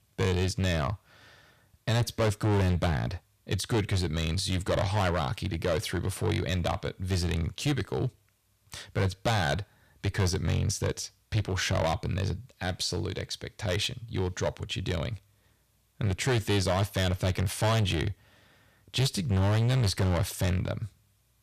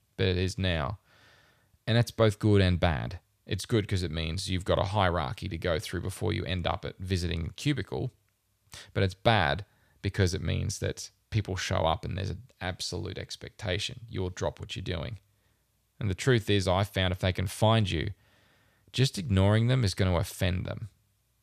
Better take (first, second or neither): second